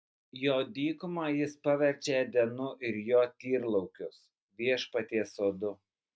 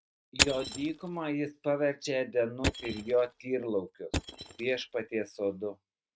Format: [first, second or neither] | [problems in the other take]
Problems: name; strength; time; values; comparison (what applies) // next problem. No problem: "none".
first | noise reduction (neural mask model RNNoise)